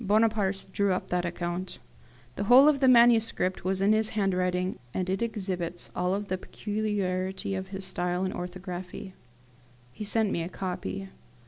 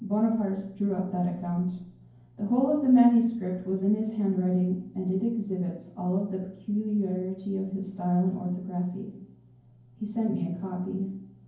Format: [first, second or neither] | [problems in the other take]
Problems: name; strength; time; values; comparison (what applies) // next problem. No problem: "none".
first | room echo; dies away in 0.9 s